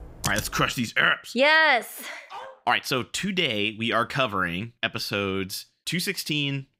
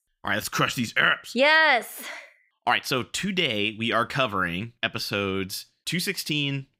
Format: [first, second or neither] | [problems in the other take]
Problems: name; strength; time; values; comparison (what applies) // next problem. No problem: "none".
second | keyboard typing; noticeable; at the start; peak 7 dB below the speech // dog barking; faint; at 2.5 s; peak 15 dB below the speech